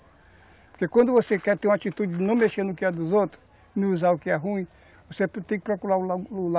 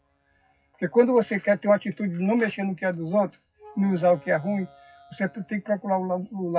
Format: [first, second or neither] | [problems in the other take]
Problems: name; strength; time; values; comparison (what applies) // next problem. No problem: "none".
first | noise reduction (classical method WPE with log-MMSE)